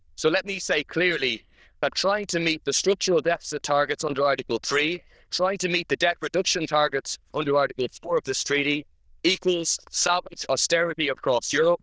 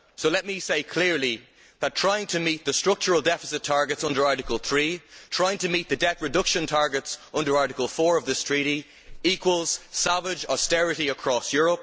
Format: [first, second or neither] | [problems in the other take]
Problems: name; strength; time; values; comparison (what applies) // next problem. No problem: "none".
second | noise reduction (neural diffusion model UNIVERSE++)